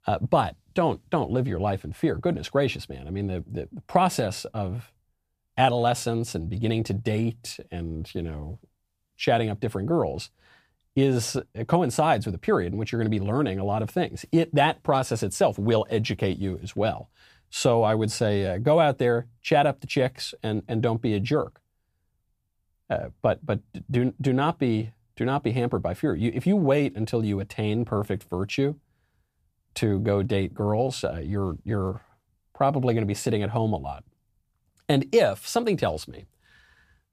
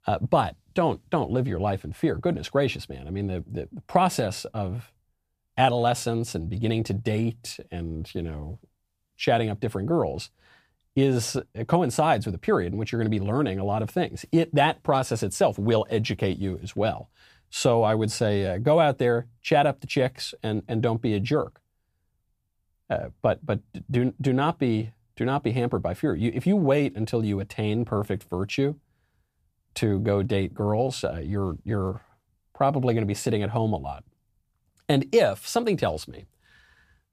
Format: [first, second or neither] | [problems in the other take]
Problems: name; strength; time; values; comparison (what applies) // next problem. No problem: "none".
neither | none